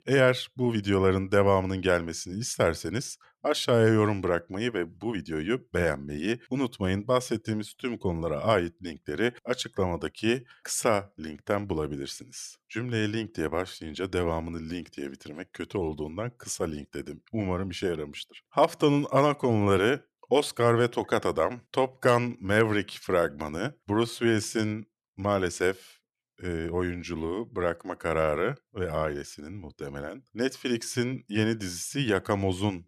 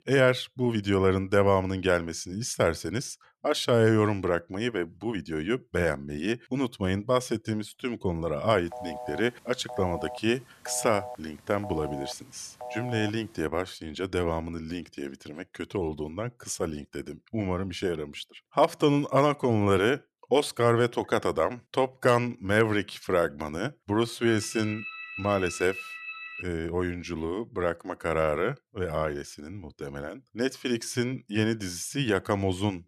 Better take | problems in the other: first | phone ringing; faint; from 8.5 to 13 s; peak 10 dB below the speech // phone ringing; noticeable; from 24 to 26 s; peak 9 dB below the speech

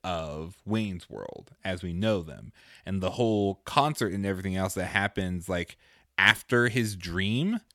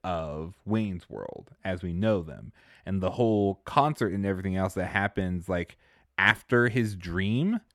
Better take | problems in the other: first | muffled; slightly; fading above 2.5 kHz

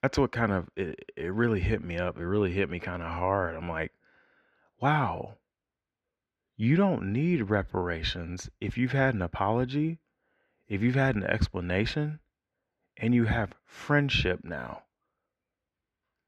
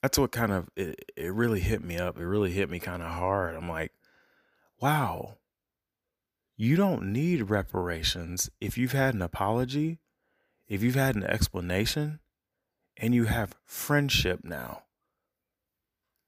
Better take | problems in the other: second | muffled; slightly; fading above 2.5 kHz

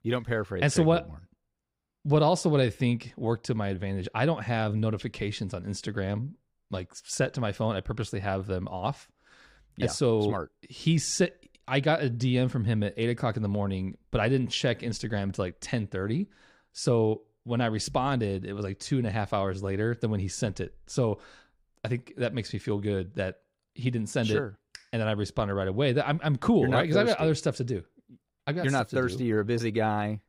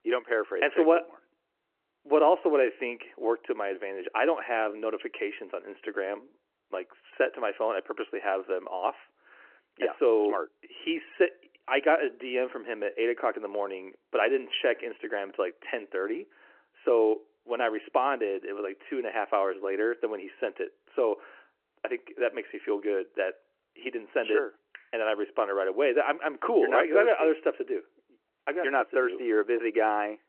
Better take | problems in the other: first | phone-call audio

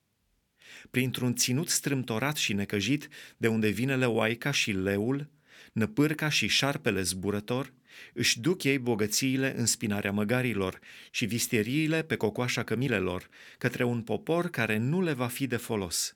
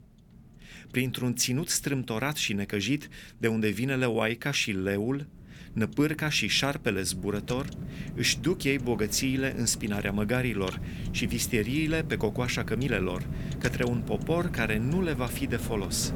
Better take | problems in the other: first | traffic noise; loud; throughout; 9 dB below the speech

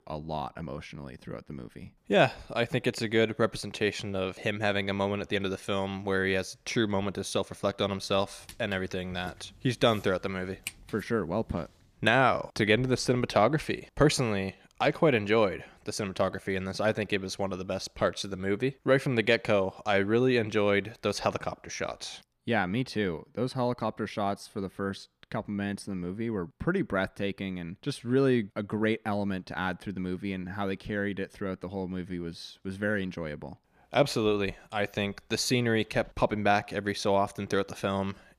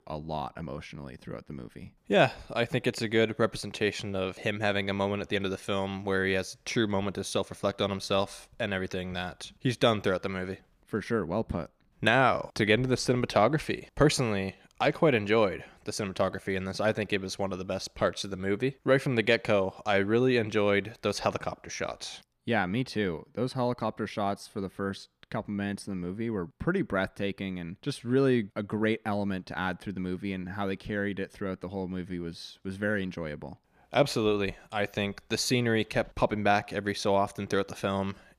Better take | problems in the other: second | footsteps; faint; from 8.5 to 12 s; peak 10 dB below the speech

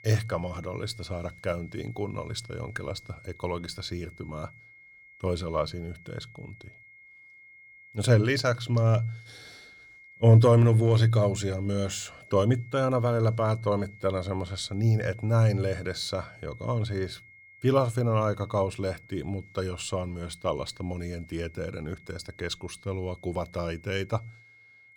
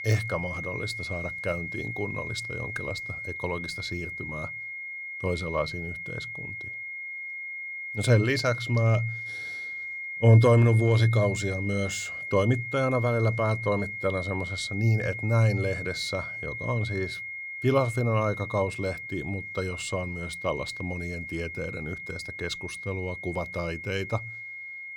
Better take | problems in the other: first | high-pitched whine; loud; throughout; 2 kHz, 7 dB below the speech; faint in the first

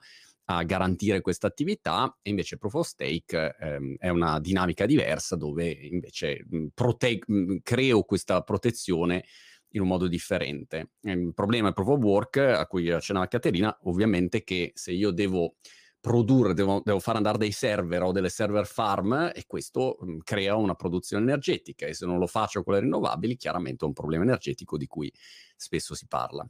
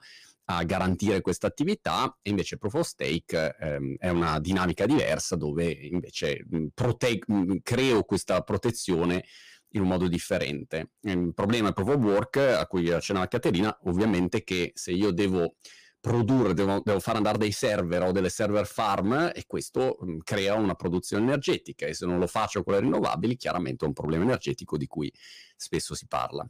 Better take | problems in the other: first | distortion; slight; 6% of the sound clipped

